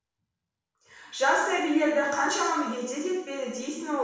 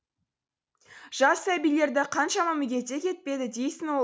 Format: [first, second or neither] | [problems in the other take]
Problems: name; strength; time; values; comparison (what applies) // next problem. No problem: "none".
second | room echo; dies away in 0.9 s